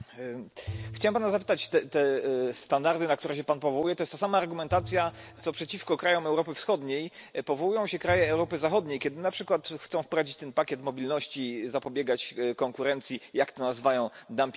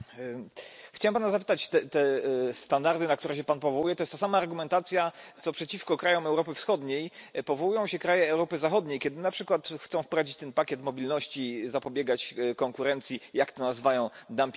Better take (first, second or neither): second